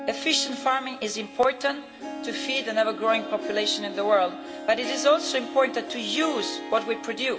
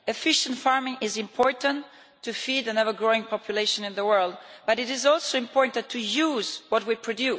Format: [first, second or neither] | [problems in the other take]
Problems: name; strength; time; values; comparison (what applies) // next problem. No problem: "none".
second | background sound (Harp); 10 dB below the speech // room echo; dies away in 1.6 s